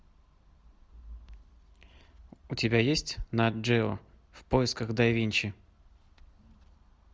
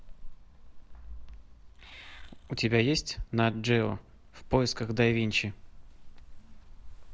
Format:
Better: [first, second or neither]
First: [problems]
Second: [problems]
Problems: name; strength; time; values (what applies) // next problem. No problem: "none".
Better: first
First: none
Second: background sound (Meow / Purr); 14 dB below the speech